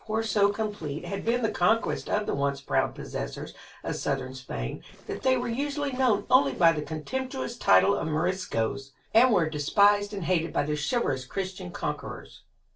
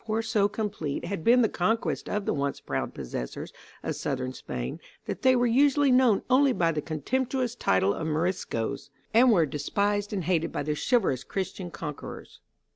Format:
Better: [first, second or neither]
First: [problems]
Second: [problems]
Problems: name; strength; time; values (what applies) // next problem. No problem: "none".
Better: second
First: noise reduction (neural separator model SepFormer DNS4)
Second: none